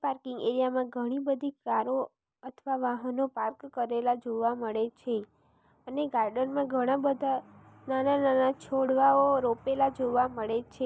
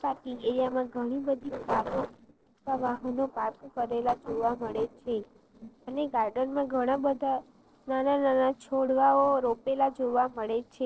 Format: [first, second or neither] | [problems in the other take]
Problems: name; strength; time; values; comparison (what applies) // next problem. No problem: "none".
first | noise reduction (neural separator model SepFormer DNS4)